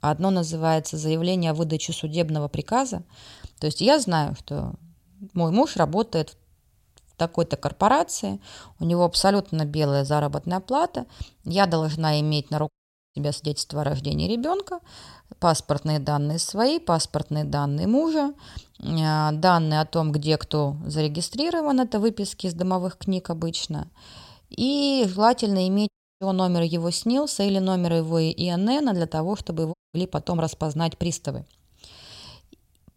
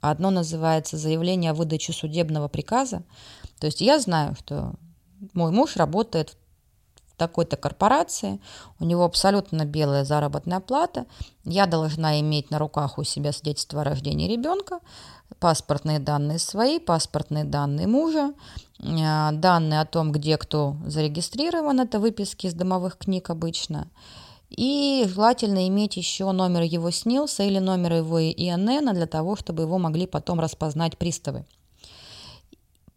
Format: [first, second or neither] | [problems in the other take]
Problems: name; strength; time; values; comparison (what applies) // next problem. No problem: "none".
second | audio cutting out; at 13 s, at 26 s and at 30 s